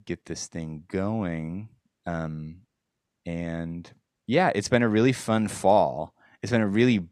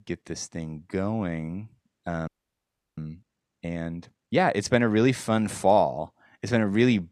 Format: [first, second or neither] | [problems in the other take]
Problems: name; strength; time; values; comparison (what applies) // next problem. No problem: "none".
first | audio freezing; at 2.5 s for 0.5 s